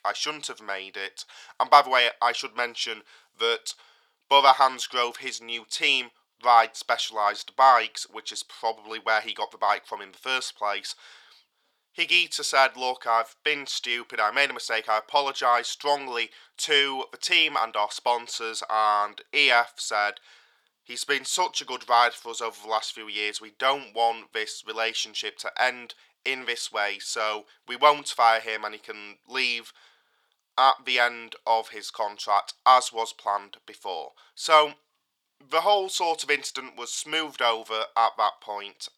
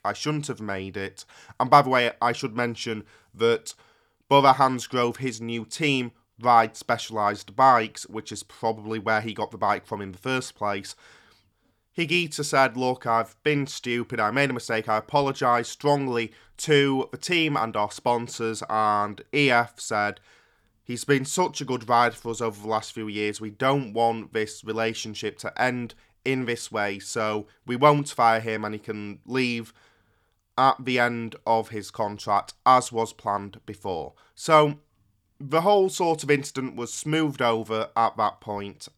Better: second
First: thin; very; fading below 700 Hz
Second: none

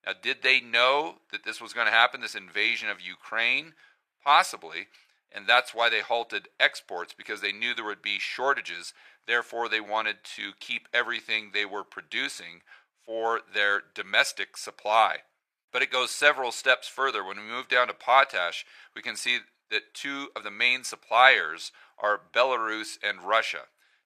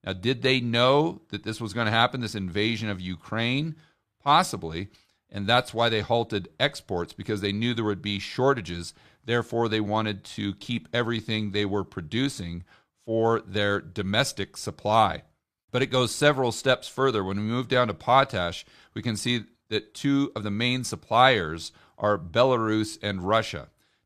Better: second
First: thin; very; fading below 700 Hz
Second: none

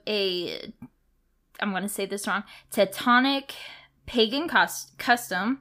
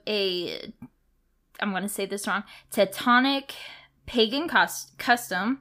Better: neither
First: none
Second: none

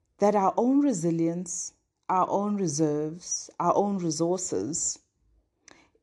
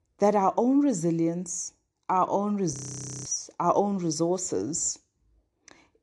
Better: first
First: none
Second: audio freezing; at 2.5 s for 0.5 s

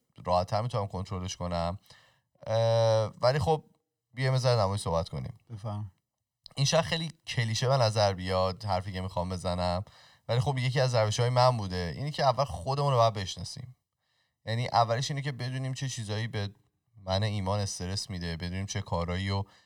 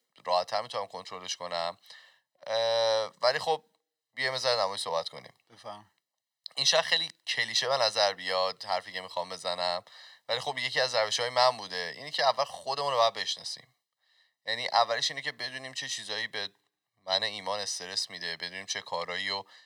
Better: first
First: none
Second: thin; very; fading below 450 Hz

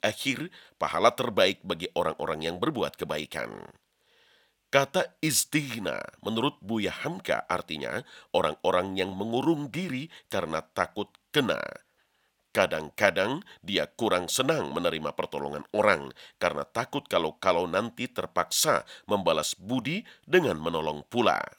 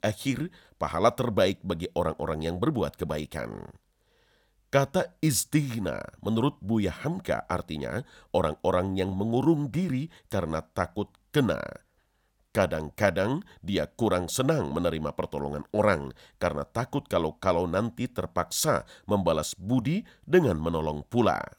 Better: second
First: thin; very slightly; fading below 400 Hz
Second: none

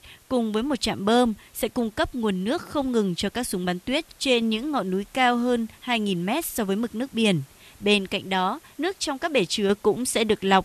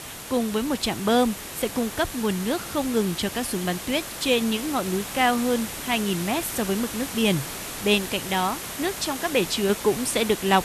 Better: first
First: hiss; faint; throughout; 30 dB below the speech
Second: hiss; loud; throughout; 8 dB below the speech

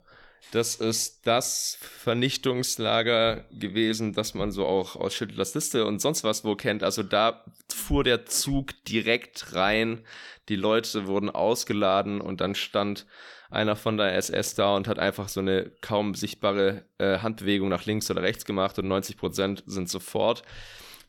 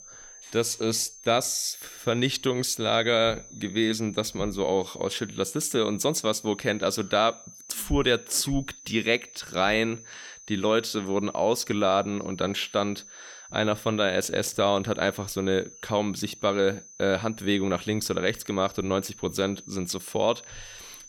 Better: first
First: none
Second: high-pitched whine; noticeable; throughout; 6 kHz, 20 dB below the speech

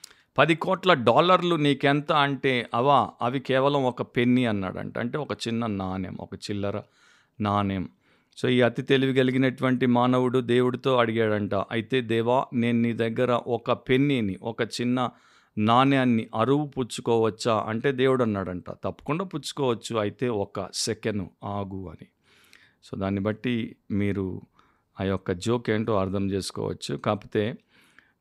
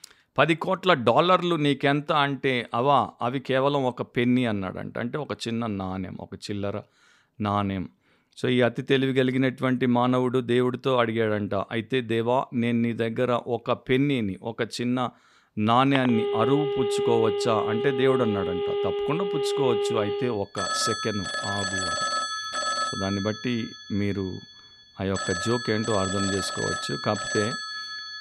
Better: first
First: none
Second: alarms or sirens; loud; from 12 s on; 3 dB below the speech

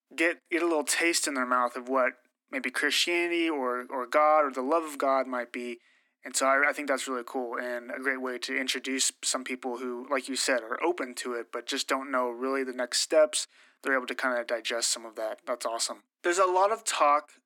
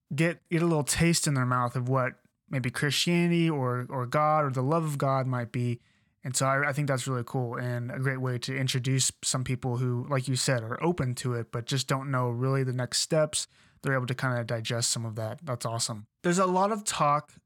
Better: second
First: thin; somewhat; fading below 250 Hz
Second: none

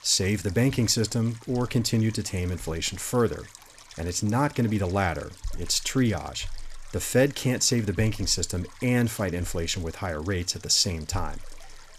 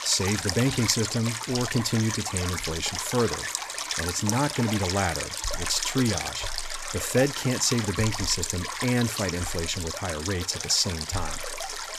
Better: first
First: rain or running water; faint; throughout; 20 dB below the speech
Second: rain or running water; loud; throughout; 4 dB below the speech

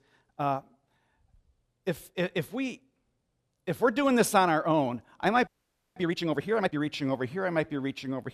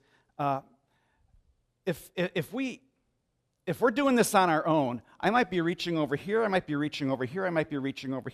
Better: second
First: audio freezing; at 5.5 s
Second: none

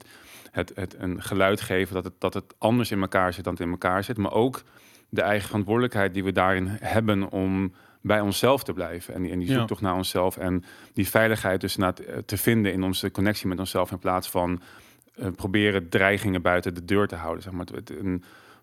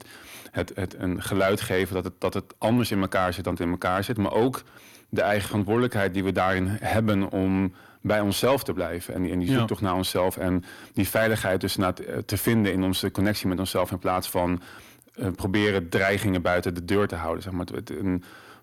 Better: first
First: none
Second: distortion; slight; 10 dB below the speech

